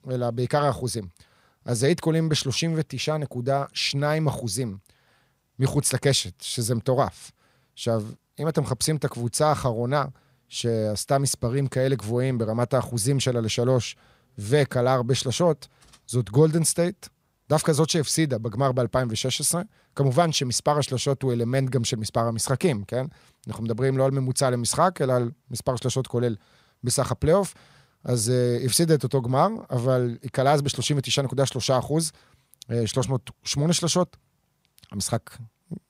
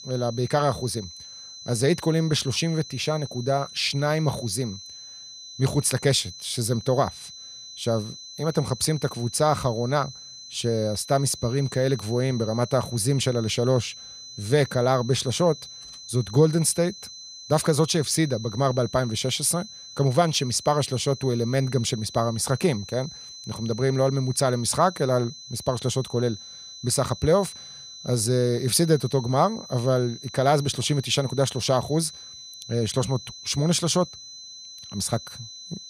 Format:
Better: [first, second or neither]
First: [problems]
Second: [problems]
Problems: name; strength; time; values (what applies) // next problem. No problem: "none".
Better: first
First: none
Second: high-pitched whine; noticeable; throughout; 4 kHz, 15 dB below the speech